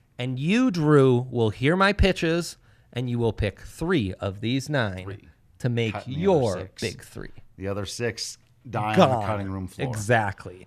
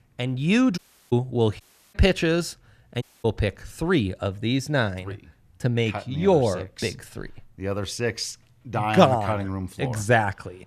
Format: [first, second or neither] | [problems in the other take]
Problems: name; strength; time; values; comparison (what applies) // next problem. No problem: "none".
first | audio cutting out; at 1 s, at 1.5 s and at 3 s